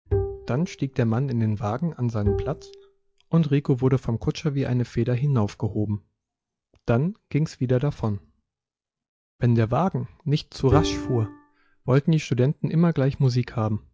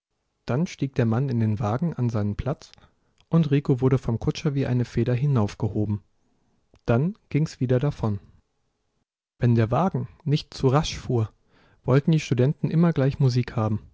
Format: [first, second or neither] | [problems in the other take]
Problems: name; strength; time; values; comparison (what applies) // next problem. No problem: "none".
second | noise reduction (classical method log-MMSE)